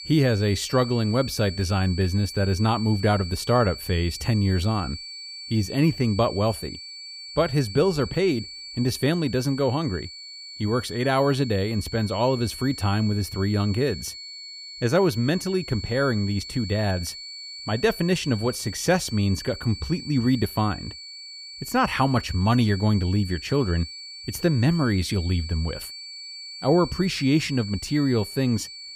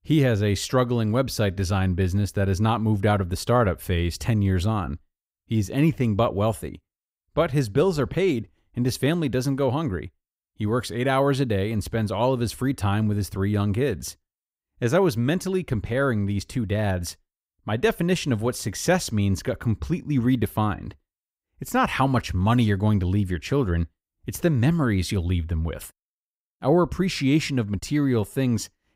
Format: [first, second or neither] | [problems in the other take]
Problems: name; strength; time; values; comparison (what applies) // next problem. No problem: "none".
second | high-pitched whine; noticeable; throughout; 4.5 kHz, 10 dB below the speech